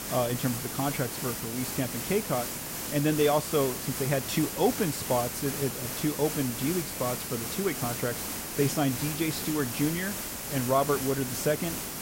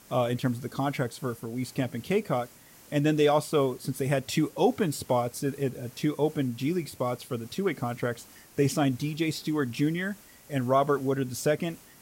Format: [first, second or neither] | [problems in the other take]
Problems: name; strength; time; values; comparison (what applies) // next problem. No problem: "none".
second | hiss; loud; throughout; 3 dB below the speech; faint in the second